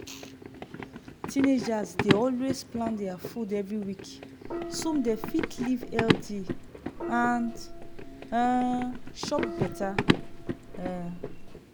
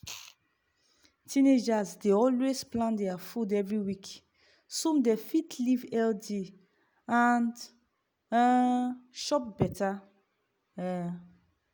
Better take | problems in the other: second | background sound (Gong + Run); 2 dB below the speech

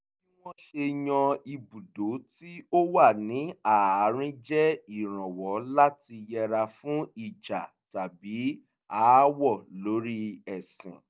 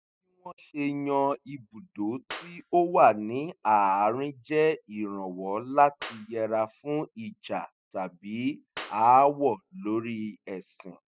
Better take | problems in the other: first | noise reduction (classical method spectral subtraction)

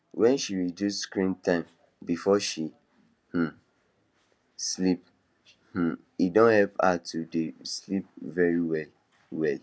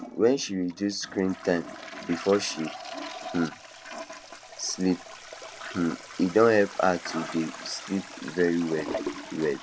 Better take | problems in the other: first | background sound (Toilet flush); 12 dB below the speech

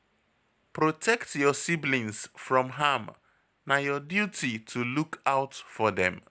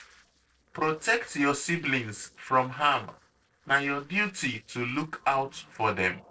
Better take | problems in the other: first | noise reduction (neural separator model SepFormer DNS4)

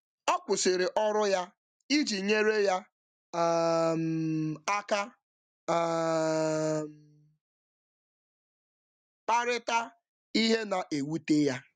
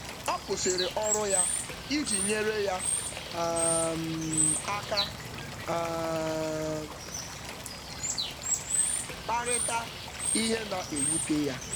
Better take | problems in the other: first | background sound (Water / Bird); as loud as the speech

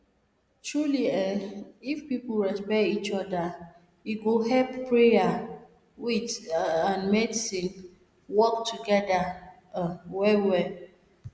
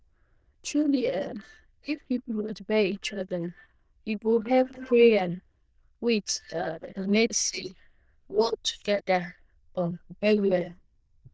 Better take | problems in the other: first | noise reduction (neural diffusion model UNIVERSE++)

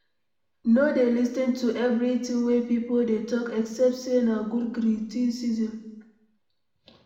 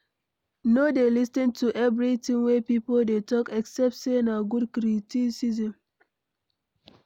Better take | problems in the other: second | room echo; dies away in 0.8 s

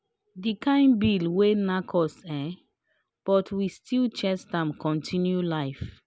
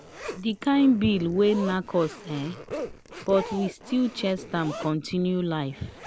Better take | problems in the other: first | background sound (Zipper (clothing)); 13 dB below the speech

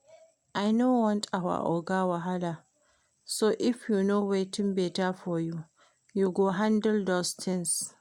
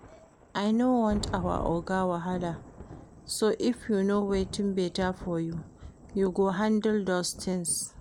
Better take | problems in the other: first | background sound (Thunder); 14 dB below the speech

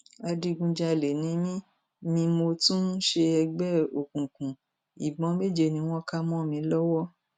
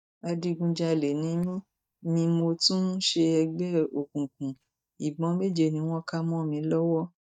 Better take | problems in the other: first | noise reduction (neural mask model DeepFilterNet 3)

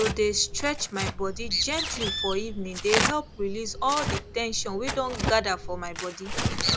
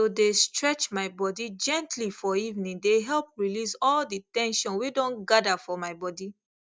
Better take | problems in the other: second | background sound (Tearing + Bird); 2 dB below the speech

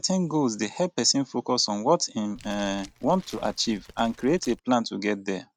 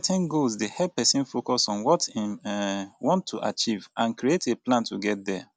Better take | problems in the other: second | noise reduction (neural mask model RNNoise)

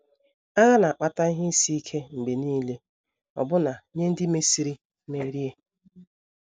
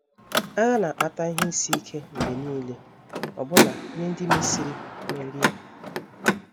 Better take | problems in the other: first | background sound (Car); 2 dB above the speech

